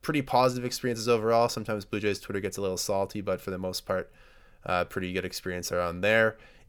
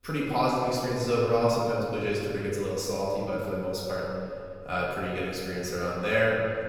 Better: first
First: none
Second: room echo; strong; dies away in 2.1 s // off-mic speech; far

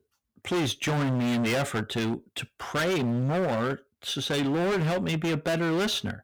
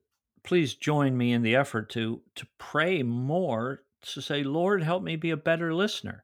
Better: second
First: distortion; heavy; 31% of the sound clipped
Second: none

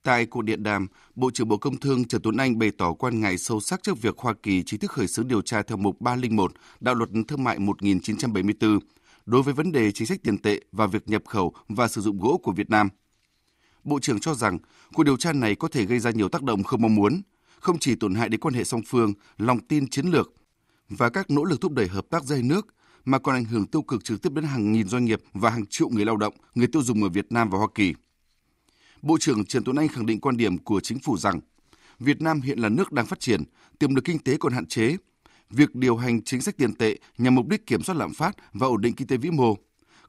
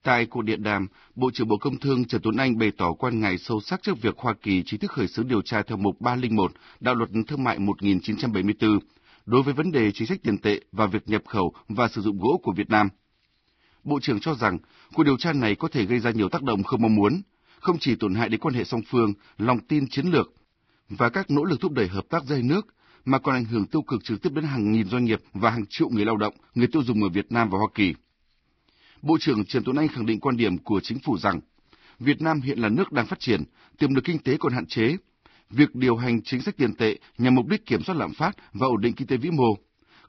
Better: first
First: none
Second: garbled, watery; badly; nothing above 5.5 kHz

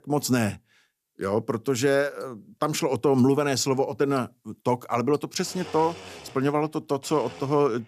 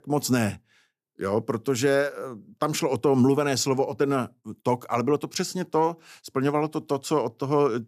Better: second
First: household noises; faint; throughout; 20 dB below the speech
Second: none

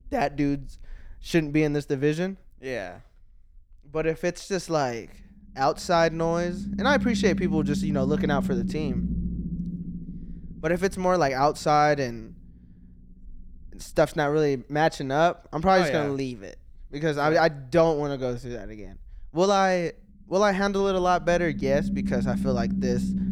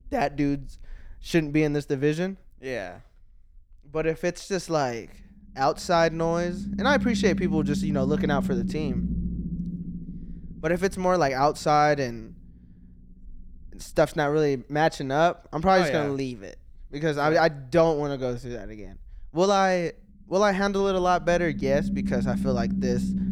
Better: neither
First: low rumble; noticeable; throughout; 15 dB below the speech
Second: low rumble; noticeable; throughout; 15 dB below the speech

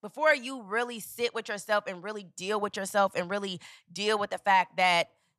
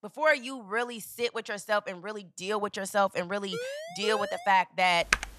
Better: first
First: none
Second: siren; noticeable; at 3.5 s; peak 8 dB below the speech // keyboard typing; loud; at 5 s; peak level with the speech

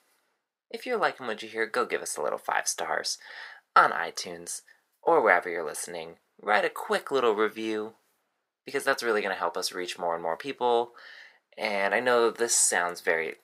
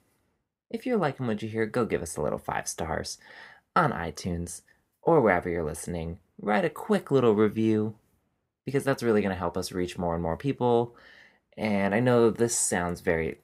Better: second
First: thin; very; fading below 550 Hz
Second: none

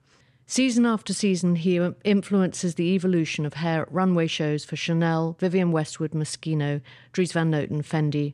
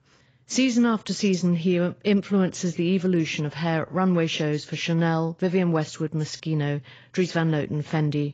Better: first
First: none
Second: garbled, watery; badly; nothing above 7.5 kHz

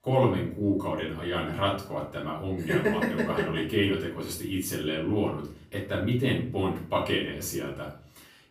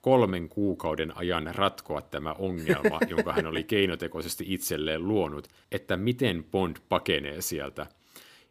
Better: second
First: off-mic speech; far // room echo; slight; dies away in 0.5 s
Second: none

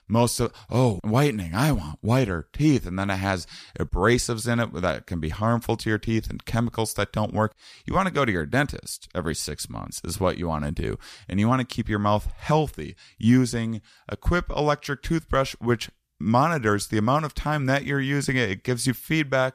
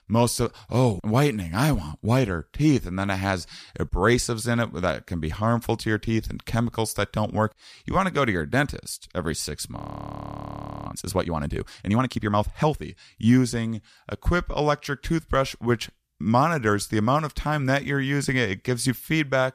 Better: first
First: none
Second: audio freezing; at 10 s for 1 s

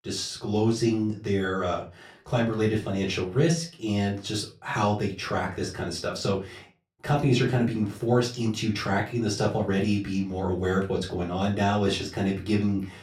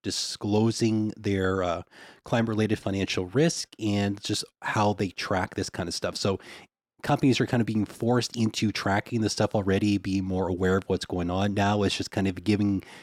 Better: second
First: off-mic speech; far // room echo; very slight; dies away in 0.3 s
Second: none

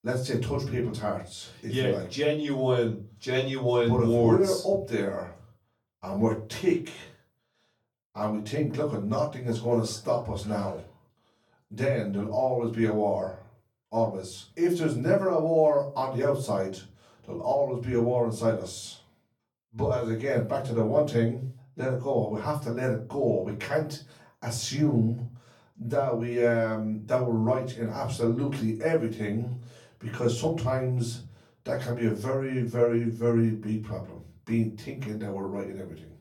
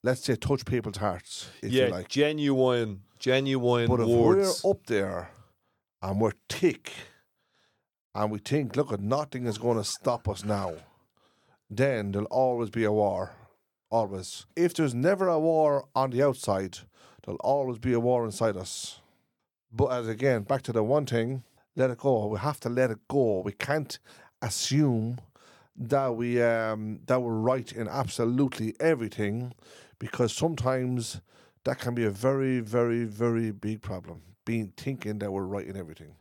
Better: second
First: off-mic speech; far // room echo; very slight; dies away in 0.3 s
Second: none

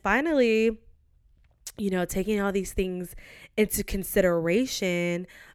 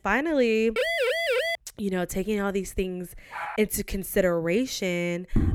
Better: first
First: none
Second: siren; loud; at 1 s; peak 3 dB above the speech // dog barking; noticeable; at 3.5 s; peak 9 dB below the speech // footsteps; noticeable; at 5 s; peak 1 dB below the speech

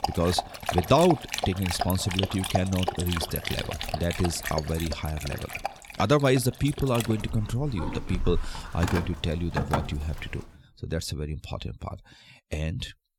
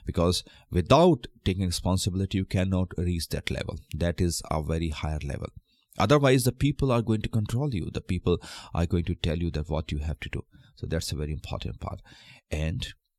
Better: second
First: animal sounds; loud; until 10 s; 5 dB below the speech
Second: none

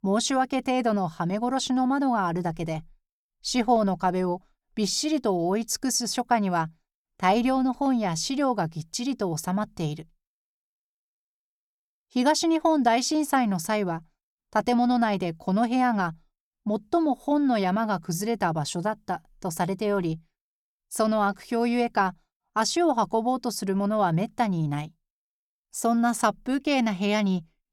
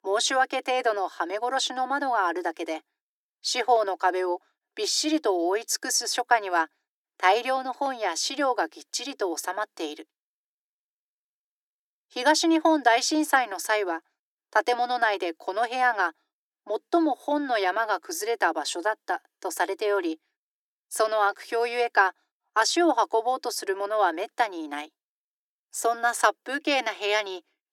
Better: first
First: none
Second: thin; very; fading below 300 Hz

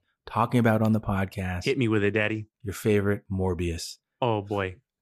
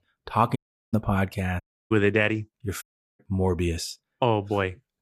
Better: first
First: none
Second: audio cutting out; at 0.5 s, at 1.5 s and at 3 s

